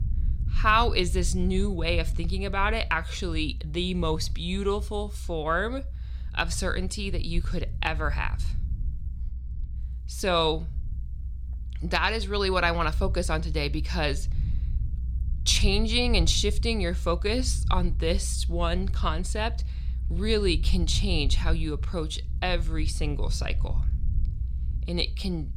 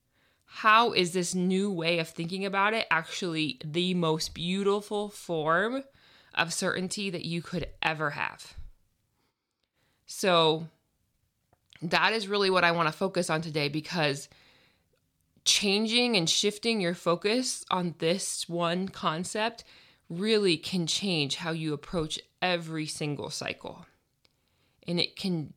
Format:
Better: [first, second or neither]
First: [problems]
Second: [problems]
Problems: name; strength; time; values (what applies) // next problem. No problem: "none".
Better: second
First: low rumble; faint; throughout; 20 dB below the speech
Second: none